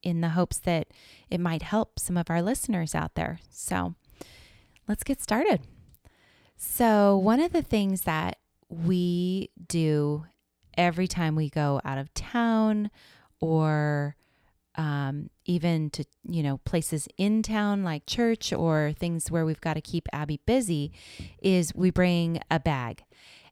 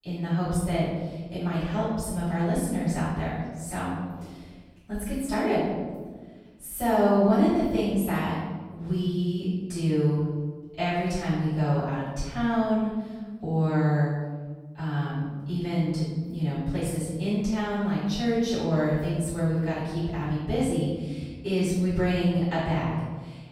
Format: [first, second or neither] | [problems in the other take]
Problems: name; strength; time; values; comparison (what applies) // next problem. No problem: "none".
first | off-mic speech; far // room echo; strong; dies away in 1.3 s